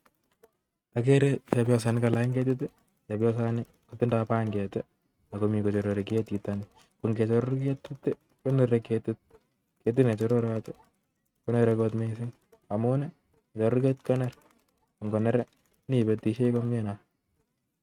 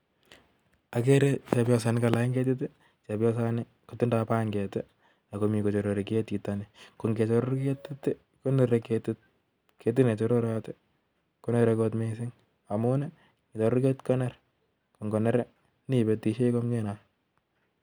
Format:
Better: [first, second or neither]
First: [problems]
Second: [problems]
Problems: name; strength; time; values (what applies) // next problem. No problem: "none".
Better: second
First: noise reduction (neural mask model RNNoise)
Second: none